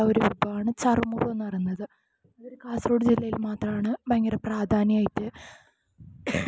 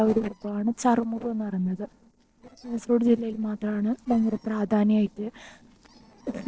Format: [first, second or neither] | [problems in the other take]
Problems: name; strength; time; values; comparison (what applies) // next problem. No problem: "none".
first | noise reduction (neural separator model SepFormer DNS4)